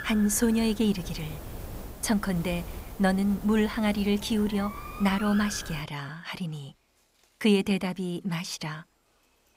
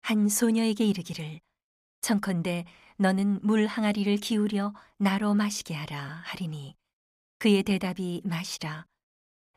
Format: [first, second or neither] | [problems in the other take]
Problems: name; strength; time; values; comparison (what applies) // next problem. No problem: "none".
second | animal sounds; noticeable; throughout; 15 dB below the speech